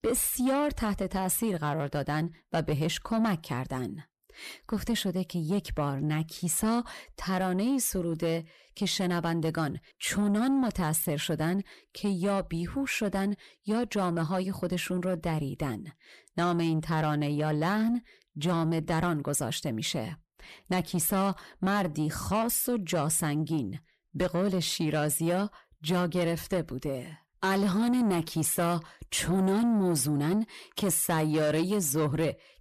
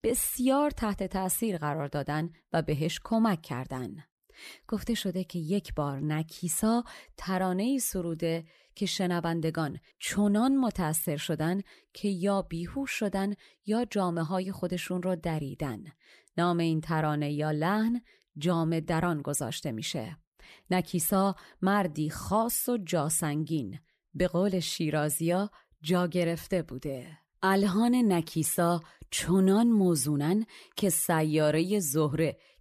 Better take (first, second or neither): second